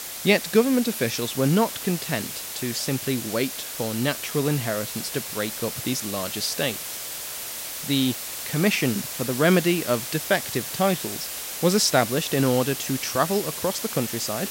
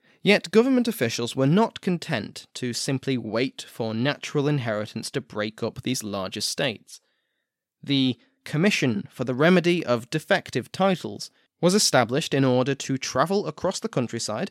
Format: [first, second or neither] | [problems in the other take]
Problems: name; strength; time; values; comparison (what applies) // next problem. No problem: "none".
second | hiss; loud; throughout; 6 dB below the speech